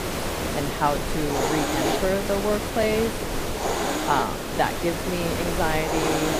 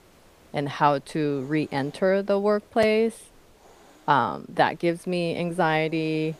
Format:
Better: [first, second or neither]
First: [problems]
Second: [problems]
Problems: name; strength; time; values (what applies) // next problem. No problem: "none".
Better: second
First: hiss; loud; throughout; as loud as the speech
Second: hiss; faint; throughout; 30 dB below the speech